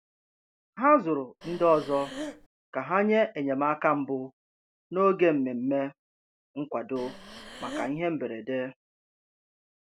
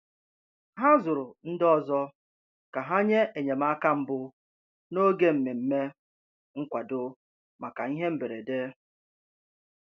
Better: second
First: background sound (Breathing); 12 dB below the speech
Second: none

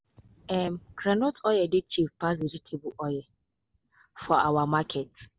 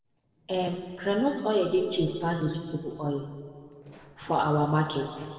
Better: first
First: none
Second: noise reduction (neural separator model SepFormer DNS4)

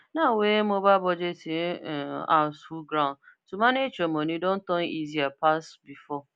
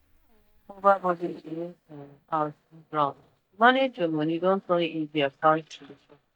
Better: first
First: none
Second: noise reduction (neural mask model DeepFilterNet 3)

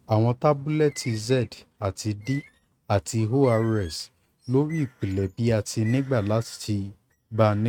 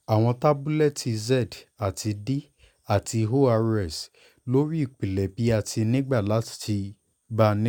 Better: second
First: noise reduction (neural mask model RNNoise)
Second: none

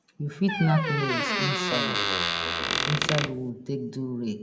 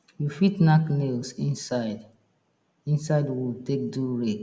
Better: second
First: background sound (Squeak); 1 dB above the speech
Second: none

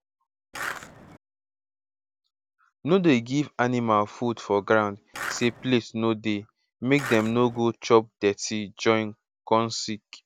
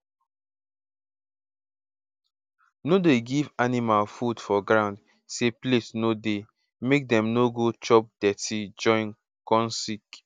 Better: second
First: background sound (Skateboard); 10 dB below the speech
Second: none

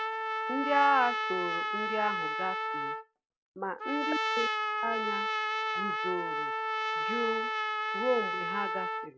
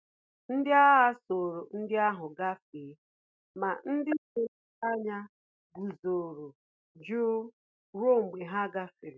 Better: second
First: background sound (Trumpet); 2 dB above the speech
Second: none

